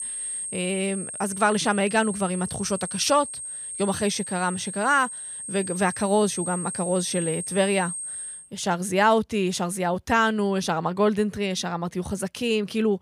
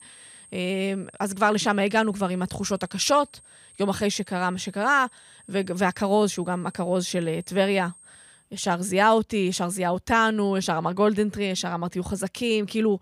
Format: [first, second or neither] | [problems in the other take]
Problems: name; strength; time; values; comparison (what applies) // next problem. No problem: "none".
second | high-pitched whine; loud; until 8.5 s; 8.5 kHz, 7 dB below the speech; faint in the second